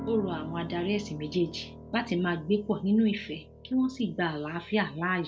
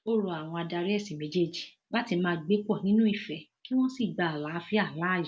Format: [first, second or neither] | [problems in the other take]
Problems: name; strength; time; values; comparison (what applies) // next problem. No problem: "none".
second | background sound (Piano); 14 dB below the speech